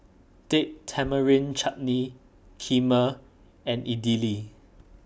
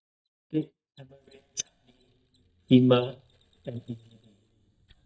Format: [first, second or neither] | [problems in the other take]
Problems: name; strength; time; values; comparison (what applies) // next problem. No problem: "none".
first | noise reduction (neural mask model DeepFilterNet 3)